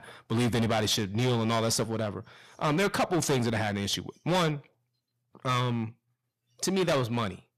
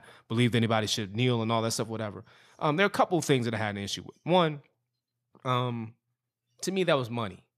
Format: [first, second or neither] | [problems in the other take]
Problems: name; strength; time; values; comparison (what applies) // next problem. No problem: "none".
second | distortion; heavy; 12% of the sound clipped